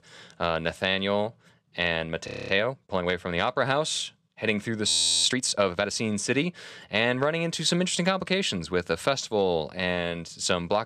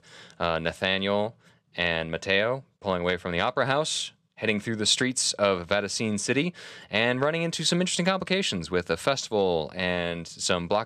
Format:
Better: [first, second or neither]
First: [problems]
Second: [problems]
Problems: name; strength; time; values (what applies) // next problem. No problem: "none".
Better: second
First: audio freezing; at 2.5 s and at 5 s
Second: none